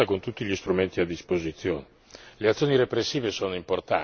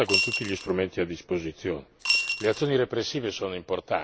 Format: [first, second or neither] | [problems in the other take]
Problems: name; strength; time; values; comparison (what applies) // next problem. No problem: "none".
first | background sound (Coin (dropping) / Glass); as loud as the speech